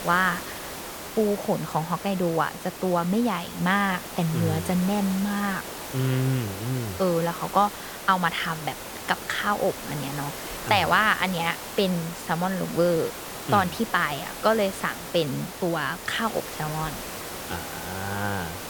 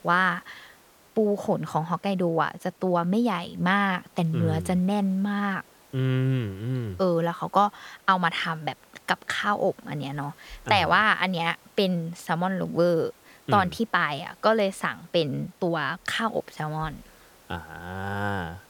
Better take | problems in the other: second | hiss; loud; throughout; 9 dB below the speech; faint in the second

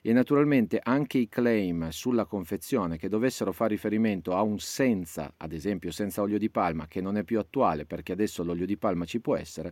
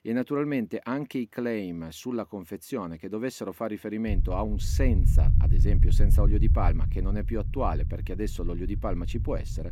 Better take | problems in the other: first | low rumble; noticeable; from 4 s on; 10 dB below the speech

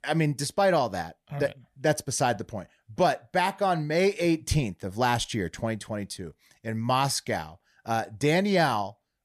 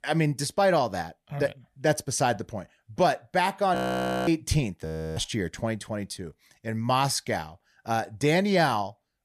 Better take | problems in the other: first | audio freezing; at 4 s for 0.5 s and at 5 s

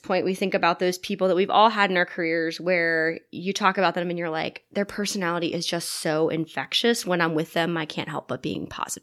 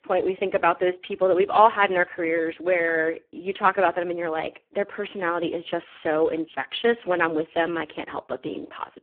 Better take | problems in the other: first | phone-call audio; poor line; nothing above 3.5 kHz

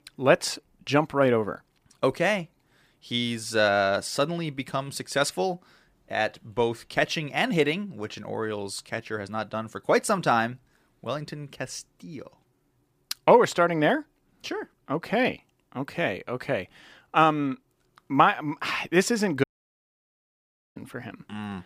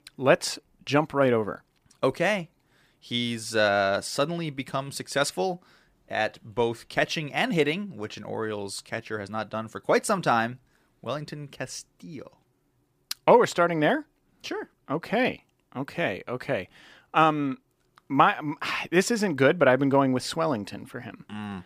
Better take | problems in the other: second | audio cutting out; at 19 s for 1.5 s

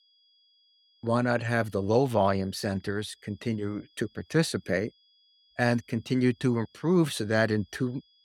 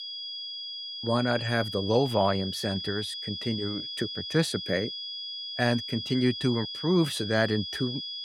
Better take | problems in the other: first | high-pitched whine; loud; throughout; 3.5 kHz, 6 dB below the speech; faint in the first

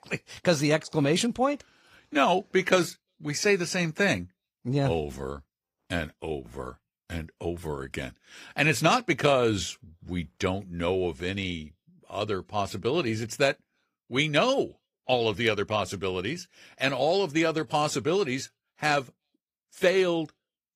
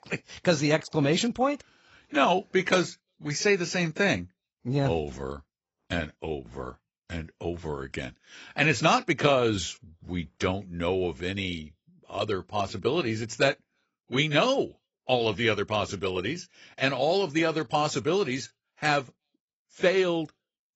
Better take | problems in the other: first | garbled, watery; badly; nothing above 7.5 kHz; slightly in the first

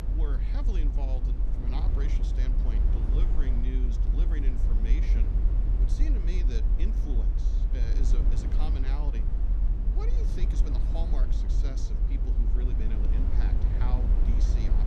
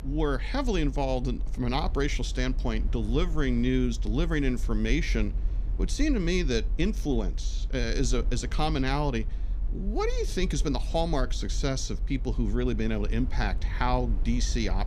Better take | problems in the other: second | low rumble; loud; throughout; 1 dB below the speech; faint in the second

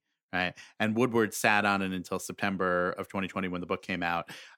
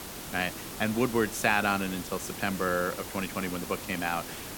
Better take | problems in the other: first | hiss; loud; throughout; 8 dB below the speech

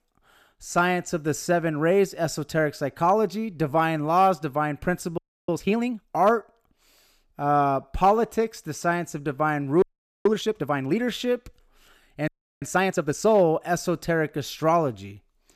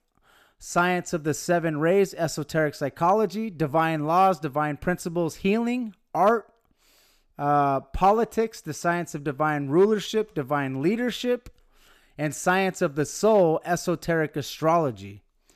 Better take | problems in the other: second | audio freezing; at 5 s, at 10 s and at 12 s

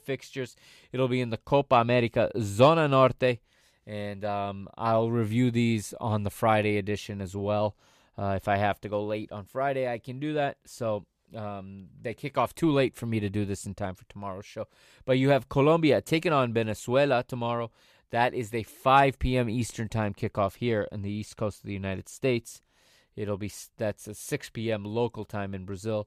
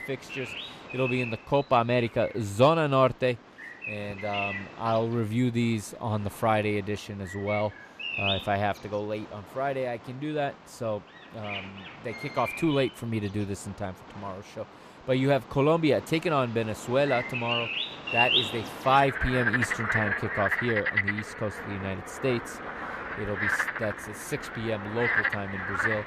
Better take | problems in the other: first | animal sounds; loud; throughout; 2 dB below the speech

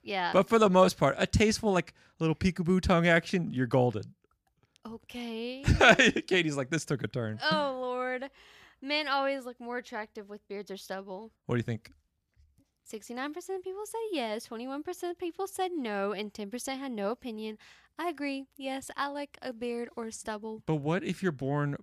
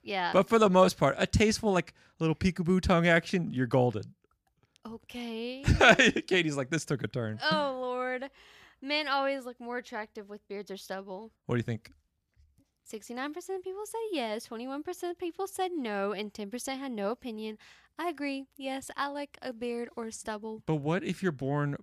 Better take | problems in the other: neither | none

